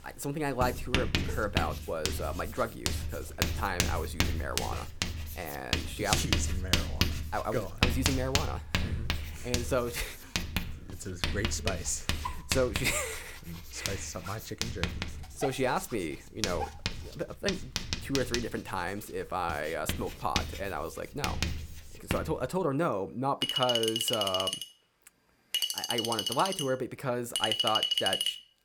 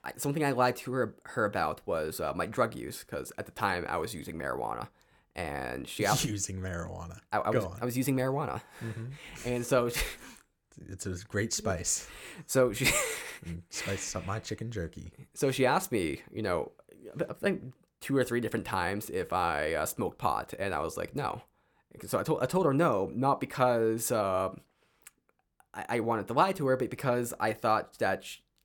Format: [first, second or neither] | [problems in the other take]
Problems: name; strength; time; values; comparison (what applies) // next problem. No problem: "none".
second | household noises; very loud; throughout; 1 dB above the speech